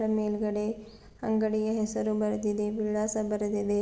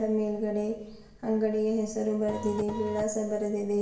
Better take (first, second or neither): first